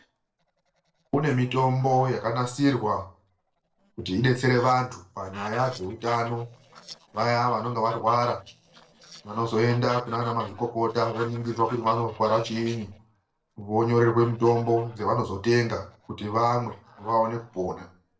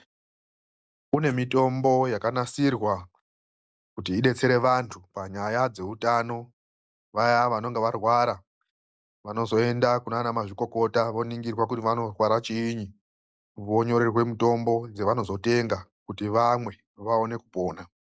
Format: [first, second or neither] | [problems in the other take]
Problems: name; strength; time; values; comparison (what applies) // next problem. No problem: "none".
second | noise reduction (neural separator model SepFormer DNS4)